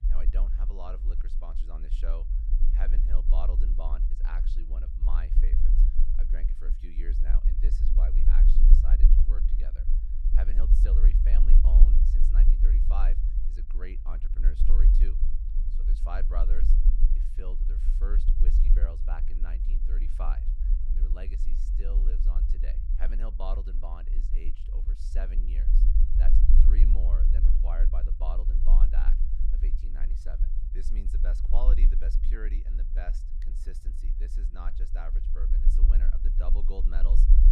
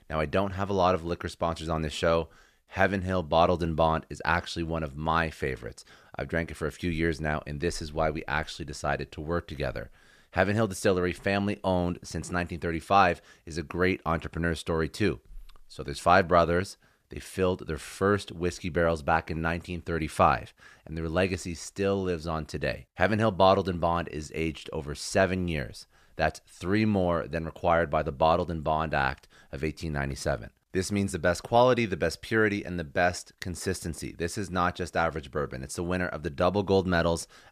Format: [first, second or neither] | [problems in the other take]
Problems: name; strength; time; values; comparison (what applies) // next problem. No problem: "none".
second | low rumble; loud; throughout; 4 dB below the speech